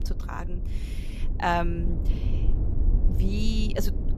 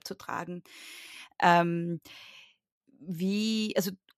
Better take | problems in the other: second | low rumble; noticeable; throughout; 15 dB below the speech

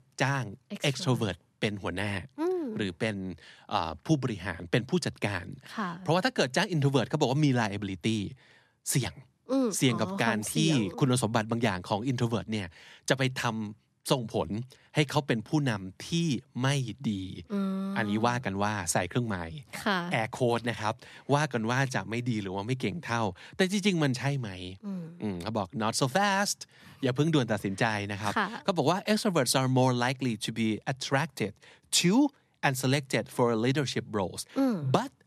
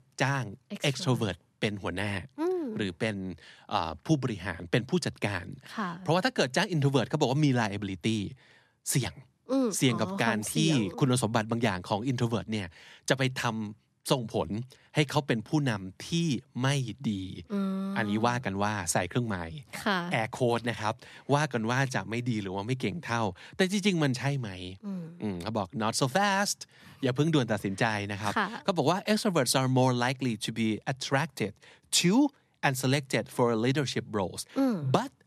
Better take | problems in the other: neither | none

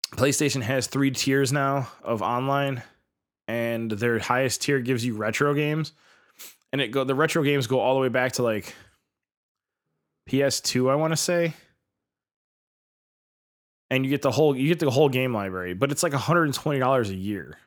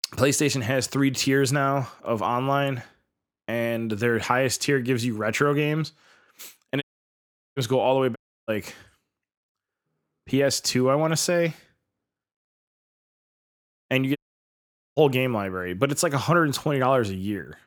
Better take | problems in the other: first | audio cutting out; at 7 s for 0.5 s, at 8 s and at 14 s for 1 s

